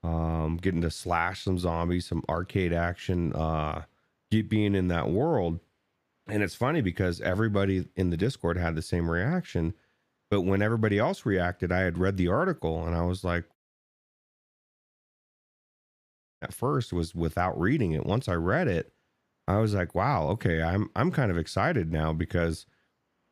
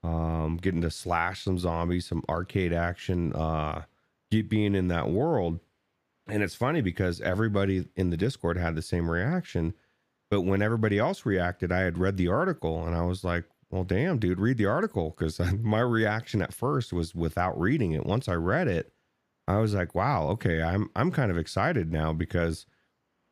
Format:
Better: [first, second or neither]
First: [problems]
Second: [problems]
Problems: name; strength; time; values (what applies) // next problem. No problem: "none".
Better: second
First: audio cutting out; at 14 s for 3 s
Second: none